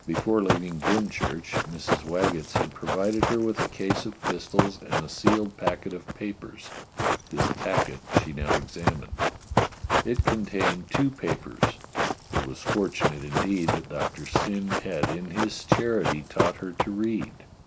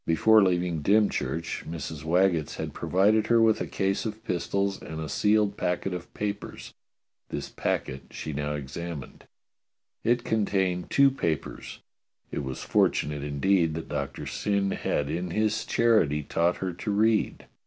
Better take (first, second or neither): second